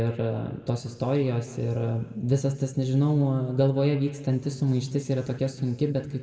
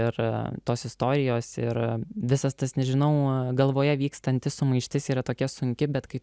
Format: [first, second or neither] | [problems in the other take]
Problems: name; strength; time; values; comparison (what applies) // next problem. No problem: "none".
second | room echo; dies away in 1.4 s